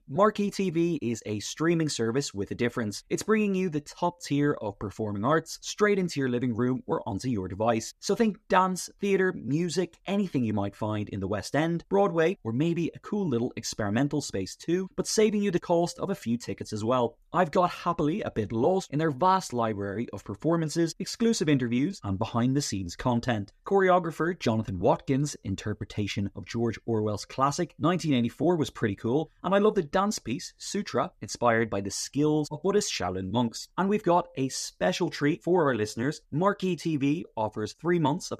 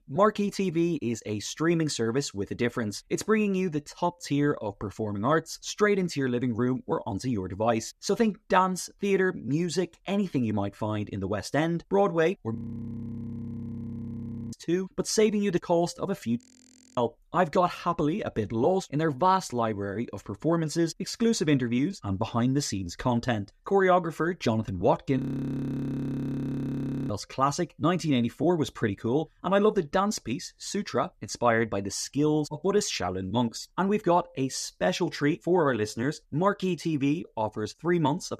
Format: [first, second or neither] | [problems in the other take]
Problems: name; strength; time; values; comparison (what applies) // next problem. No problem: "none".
first | audio freezing; at 13 s for 2 s, at 16 s for 0.5 s and at 25 s for 2 s